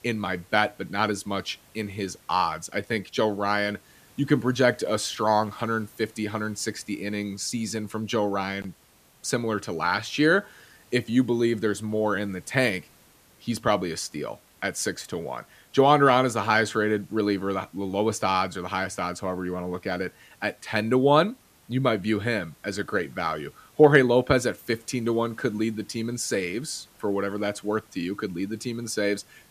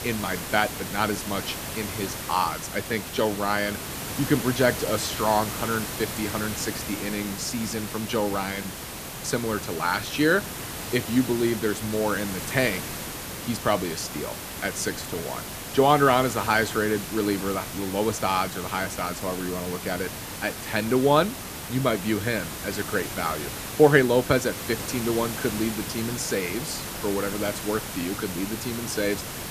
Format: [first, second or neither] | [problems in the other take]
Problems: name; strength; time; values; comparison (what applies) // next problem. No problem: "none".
first | hiss; loud; throughout; 7 dB below the speech; faint in the first